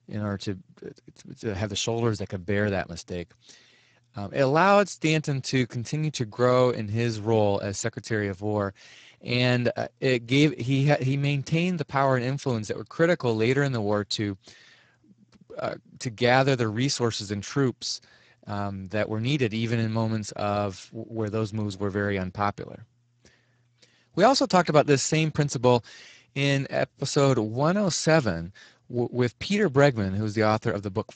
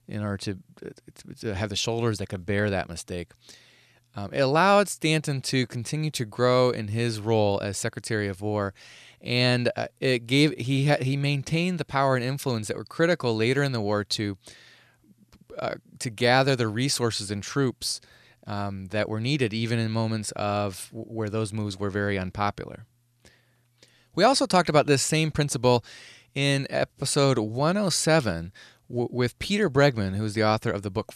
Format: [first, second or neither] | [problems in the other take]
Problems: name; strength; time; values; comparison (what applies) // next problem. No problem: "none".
second | garbled, watery; badly; nothing above 7.5 kHz